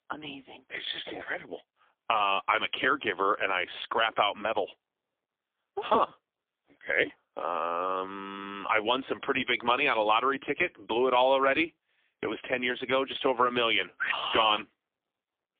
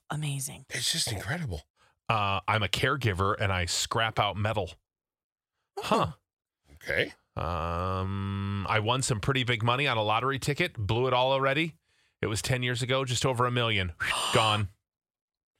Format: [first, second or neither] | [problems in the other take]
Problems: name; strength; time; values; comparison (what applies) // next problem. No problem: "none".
second | phone-call audio; poor line; nothing above 3.5 kHz